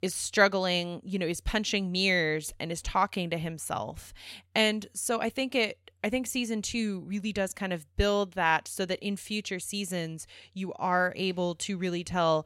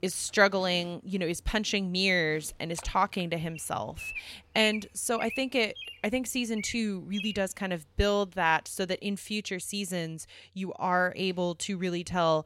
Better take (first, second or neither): first